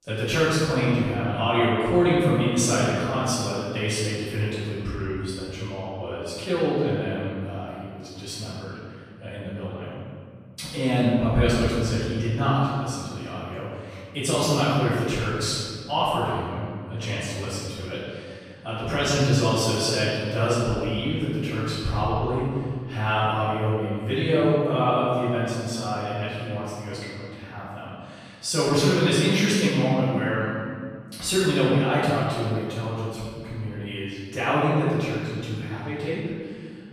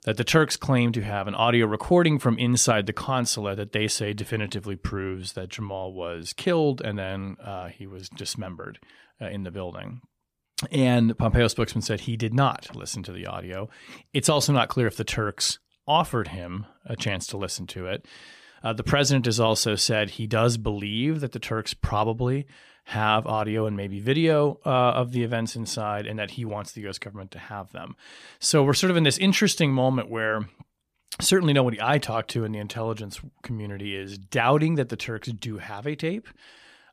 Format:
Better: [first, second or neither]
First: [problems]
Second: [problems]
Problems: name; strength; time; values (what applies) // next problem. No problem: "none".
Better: second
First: off-mic speech; far // room echo; strong; dies away in 1.8 s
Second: none